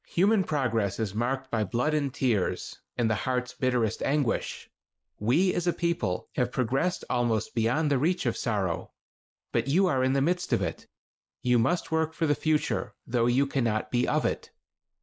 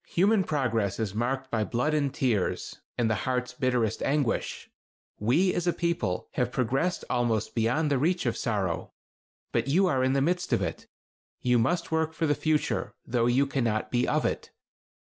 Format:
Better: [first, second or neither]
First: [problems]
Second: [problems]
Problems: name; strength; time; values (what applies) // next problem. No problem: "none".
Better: second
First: noise reduction (neural mask model Resemble Enhance denoiser)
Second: none